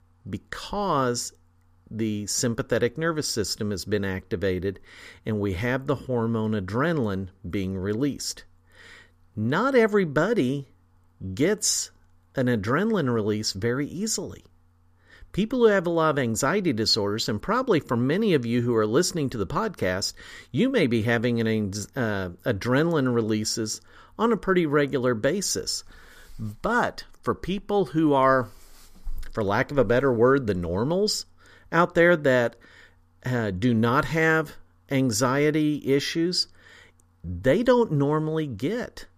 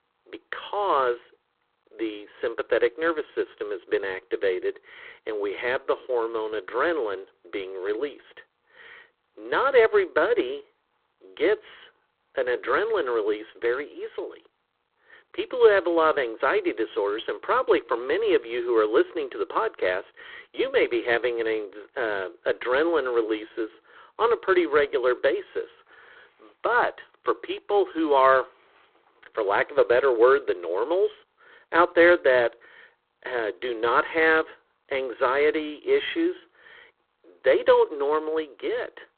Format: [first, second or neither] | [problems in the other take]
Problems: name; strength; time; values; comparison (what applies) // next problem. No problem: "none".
first | phone-call audio; poor line; nothing above 3.5 kHz